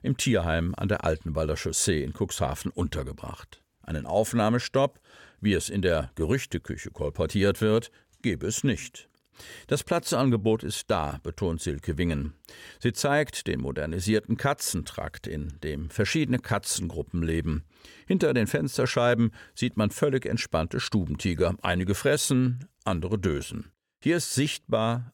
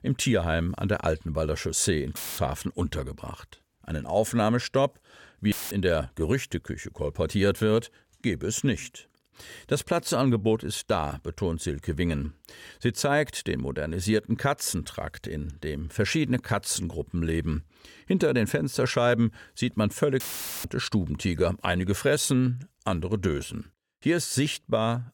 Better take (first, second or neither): first